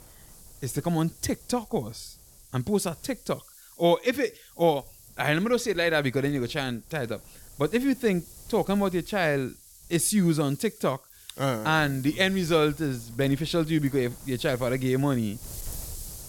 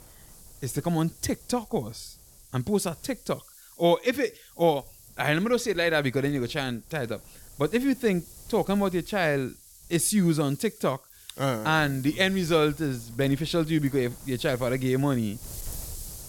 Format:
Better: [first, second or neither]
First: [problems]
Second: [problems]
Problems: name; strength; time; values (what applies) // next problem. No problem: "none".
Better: neither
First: wind noise on the microphone; occasional gusts; 20 dB below the speech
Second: wind noise on the microphone; occasional gusts; 20 dB below the speech